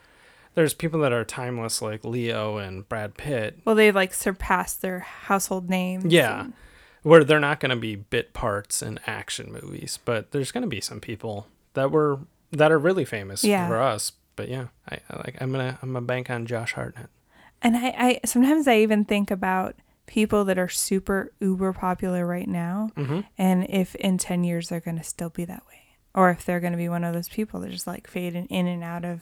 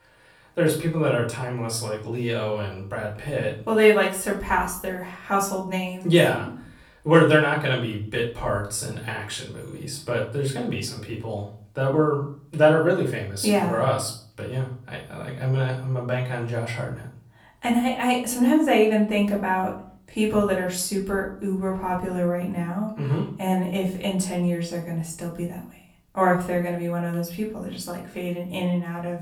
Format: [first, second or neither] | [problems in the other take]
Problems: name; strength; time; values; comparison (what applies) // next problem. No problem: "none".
first | off-mic speech; far // room echo; slight; dies away in 0.5 s